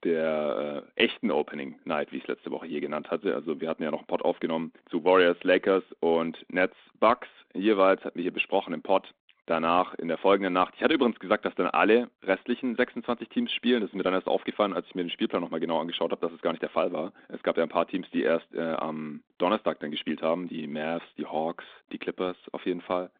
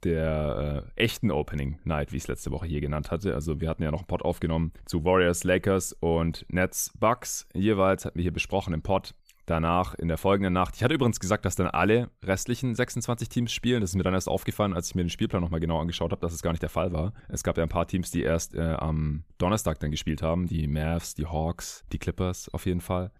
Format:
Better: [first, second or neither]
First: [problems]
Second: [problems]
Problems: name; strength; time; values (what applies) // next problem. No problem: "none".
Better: second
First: phone-call audio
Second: none